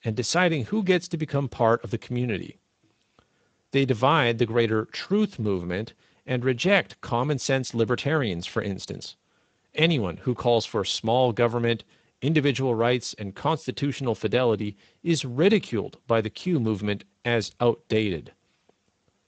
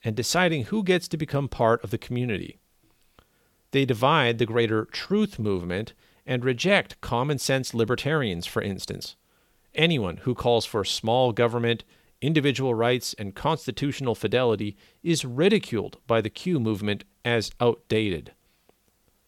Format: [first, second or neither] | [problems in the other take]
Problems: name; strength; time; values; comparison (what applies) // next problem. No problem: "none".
second | garbled, watery; slightly; nothing above 8 kHz